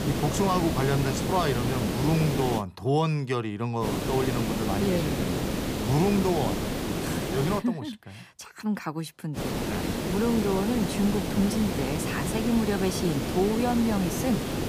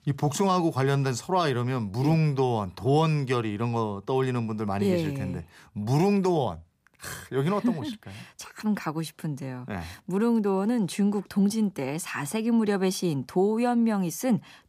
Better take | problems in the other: second | hiss; loud; until 2.5 s, from 4 to 7.5 s and from 9.5 s on; 2 dB below the speech

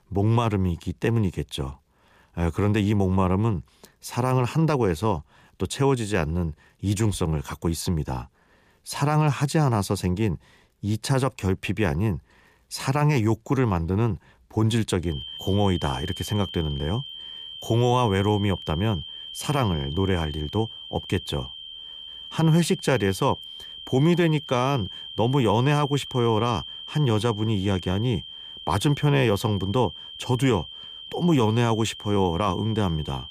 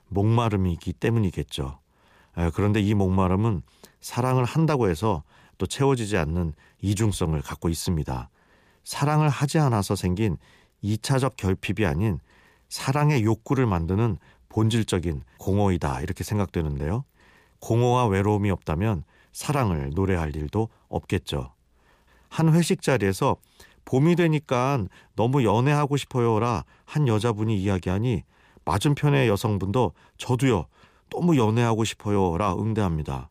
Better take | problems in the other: second | high-pitched whine; noticeable; from 15 s on; 3 kHz, 10 dB below the speech

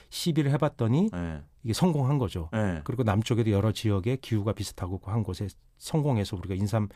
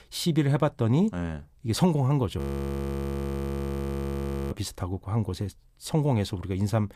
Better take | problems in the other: first | audio freezing; at 2.5 s for 2 s

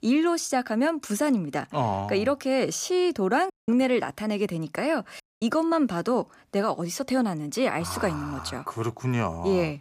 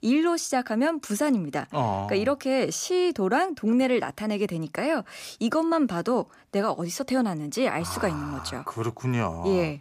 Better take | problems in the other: second | audio cutting out; at 3.5 s and at 5 s

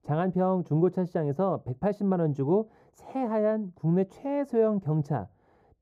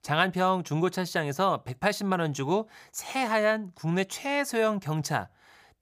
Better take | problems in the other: second | muffled; very; fading above 1 kHz

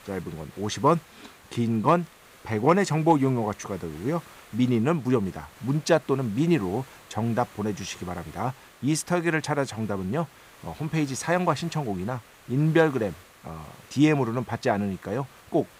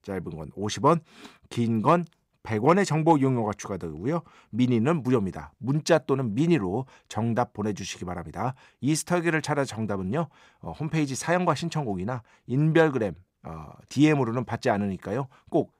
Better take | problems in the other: second | hiss; faint; throughout; 25 dB below the speech

